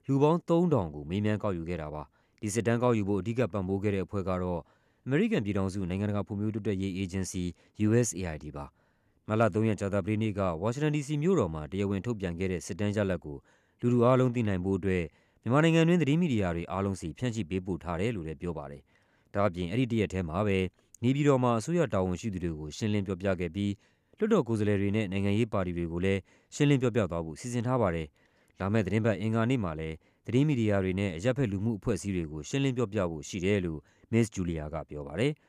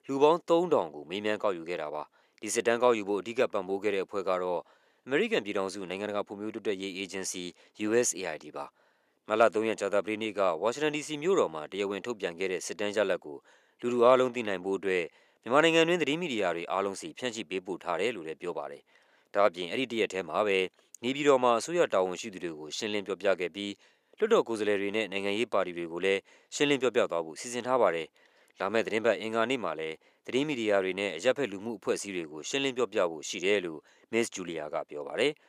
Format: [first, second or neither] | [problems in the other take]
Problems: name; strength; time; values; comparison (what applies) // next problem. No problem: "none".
first | thin; somewhat; fading below 500 Hz